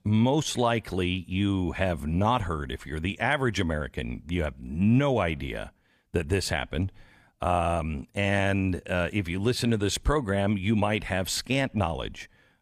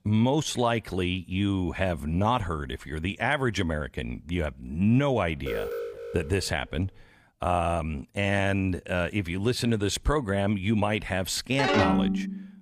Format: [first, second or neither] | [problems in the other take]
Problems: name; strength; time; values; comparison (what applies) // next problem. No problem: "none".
first | alarm; noticeable; from 5.5 to 6.5 s; peak 5 dB below the speech // phone ringing; loud; at 12 s; peak 4 dB above the speech